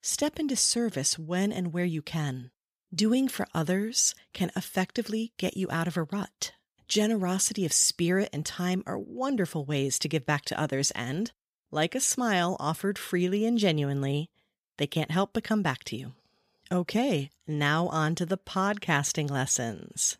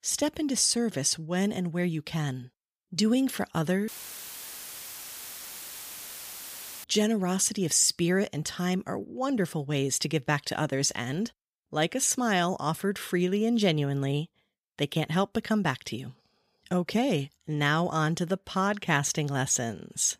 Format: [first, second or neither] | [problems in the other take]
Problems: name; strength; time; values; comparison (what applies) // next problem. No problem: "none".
first | audio cutting out; filled with static; at 4 s for 3 s